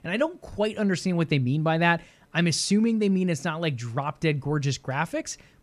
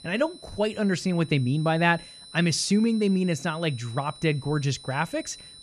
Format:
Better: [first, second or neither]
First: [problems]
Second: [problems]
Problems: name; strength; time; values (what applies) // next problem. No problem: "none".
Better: first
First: none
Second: high-pitched whine; noticeable; throughout; 4 kHz, 20 dB below the speech